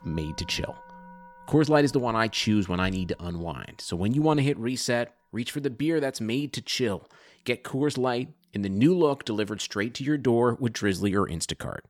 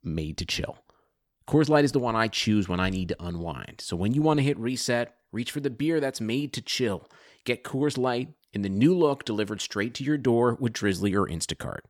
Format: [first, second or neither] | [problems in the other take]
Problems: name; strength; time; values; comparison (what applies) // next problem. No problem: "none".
second | background music; faint; throughout; 25 dB below the speech